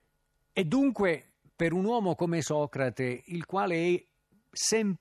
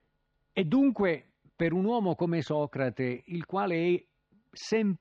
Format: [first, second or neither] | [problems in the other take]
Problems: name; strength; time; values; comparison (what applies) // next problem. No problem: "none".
first | muffled; slightly; fading above 4 kHz